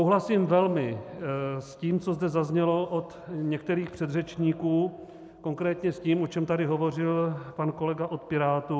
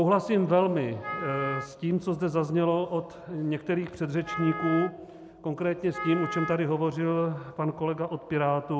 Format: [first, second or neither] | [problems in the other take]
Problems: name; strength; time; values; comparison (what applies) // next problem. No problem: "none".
first | background sound (Wind instrument, woodwind instrument); 10 dB below the speech